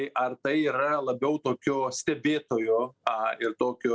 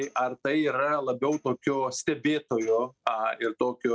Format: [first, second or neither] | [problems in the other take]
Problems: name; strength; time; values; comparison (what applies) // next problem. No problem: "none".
first | noise reduction (neural mask model RNNoise)